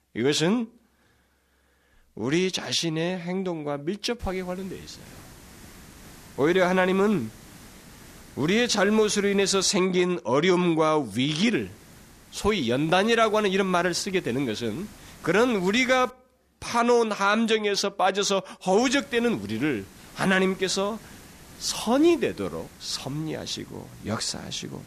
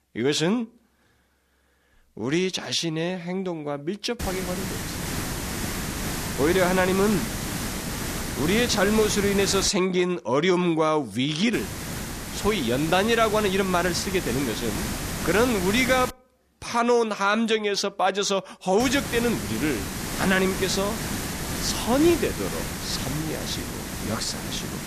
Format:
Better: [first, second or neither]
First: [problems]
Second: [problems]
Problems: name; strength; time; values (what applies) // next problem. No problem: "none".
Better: first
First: hiss; faint; from 4 to 9.5 s, from 12 to 16 s and from 19 s on; 25 dB below the speech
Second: hiss; loud; from 4 to 9.5 s, from 12 to 16 s and from 19 s on; 6 dB below the speech